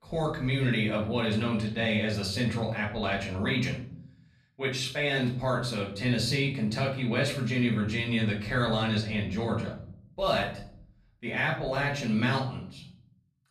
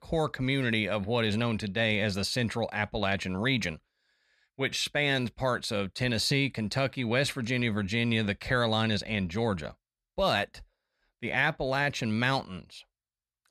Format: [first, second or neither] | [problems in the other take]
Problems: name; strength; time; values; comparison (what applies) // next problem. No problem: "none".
second | off-mic speech; far // room echo; slight; dies away in 0.6 s